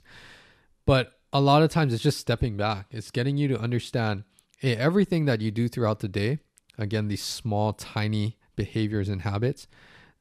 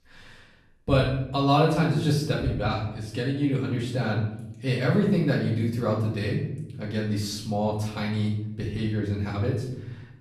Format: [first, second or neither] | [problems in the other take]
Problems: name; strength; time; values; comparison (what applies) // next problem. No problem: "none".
first | off-mic speech; far // room echo; noticeable; dies away in 0.8 s